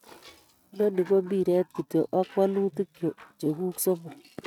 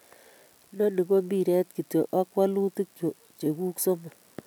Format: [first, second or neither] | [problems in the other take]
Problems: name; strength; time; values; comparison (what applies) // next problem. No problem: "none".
second | noise reduction (neural mask model RNNoise)